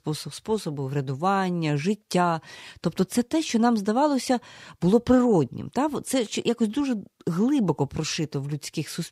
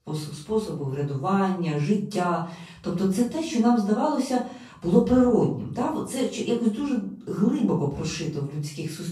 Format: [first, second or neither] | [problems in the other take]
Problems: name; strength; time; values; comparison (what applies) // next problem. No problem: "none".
first | off-mic speech; far // room echo; noticeable; dies away in 0.5 s